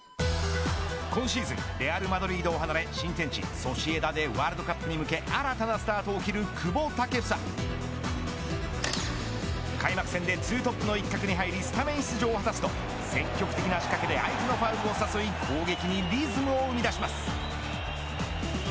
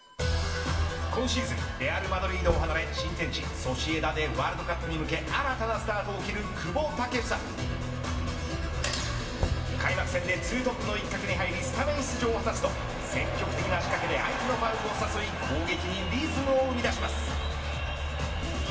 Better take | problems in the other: first | background sound (Knock / Wood); 10 dB below the speech // room echo; dies away in 1 s

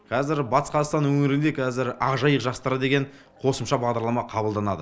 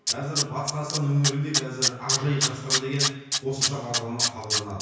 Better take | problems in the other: first | background sound (Tools); 1 dB above the speech // room echo; dies away in 1.1 s

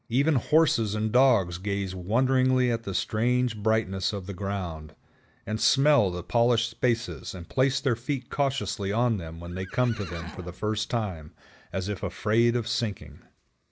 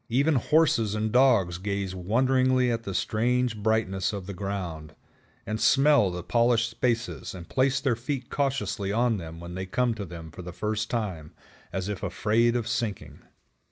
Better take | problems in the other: second | background sound (Livestock, farm animals, working animals); 17 dB below the speech

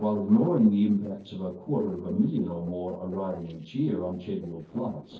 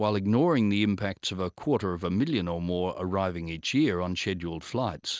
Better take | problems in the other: second | noise reduction (neural separator model SepFormer DNS4)

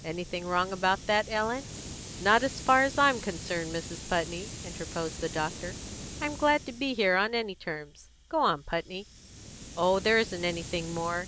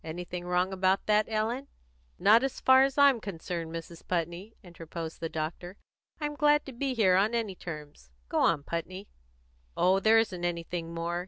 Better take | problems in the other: second | background sound (Hiss); 13 dB below the speech

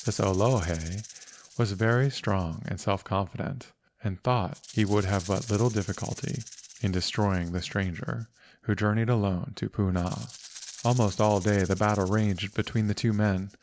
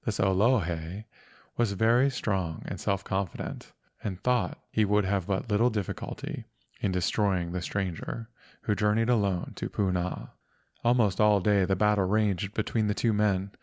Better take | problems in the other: second | background sound (Rattle (instrument)); 20 dB below the speech

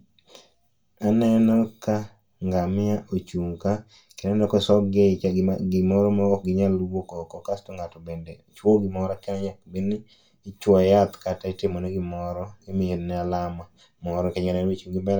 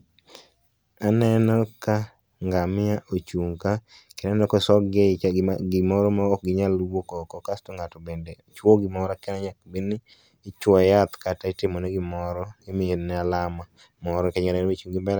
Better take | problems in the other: second | room echo; dies away in 0.2 s

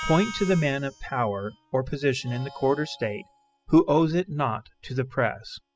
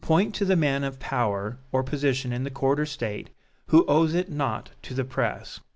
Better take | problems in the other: second | noise reduction (classical method spectral subtraction)

